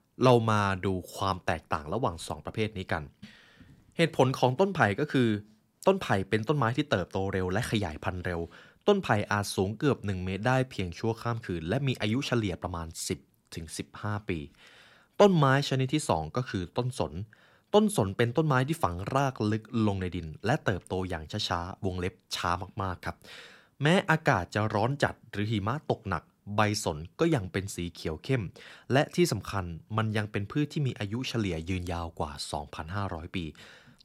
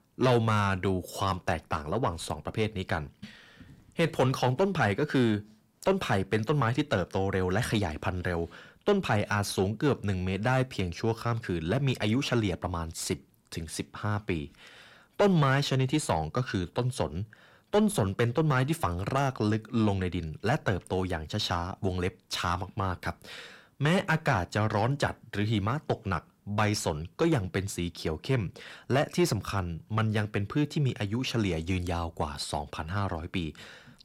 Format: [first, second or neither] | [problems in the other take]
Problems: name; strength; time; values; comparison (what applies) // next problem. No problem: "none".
first | distortion; slight; 10 dB below the speech